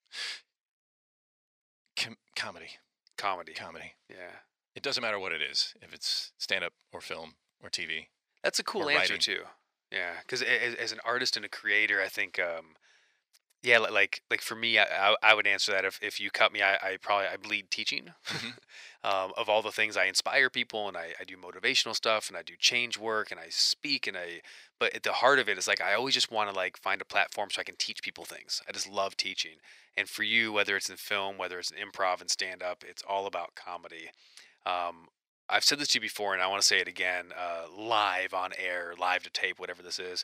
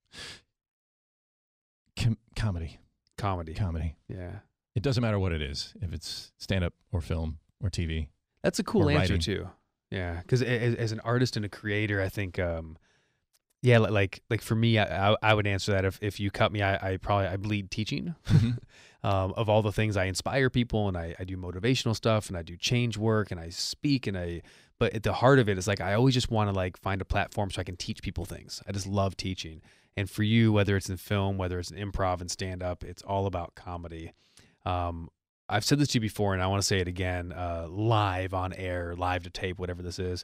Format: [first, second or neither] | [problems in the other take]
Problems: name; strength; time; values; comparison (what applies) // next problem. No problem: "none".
second | thin; very; fading below 600 Hz